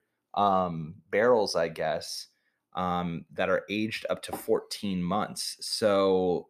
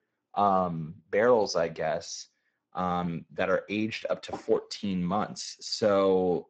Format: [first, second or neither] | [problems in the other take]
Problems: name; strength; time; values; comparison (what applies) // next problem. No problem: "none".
first | garbled, watery; badly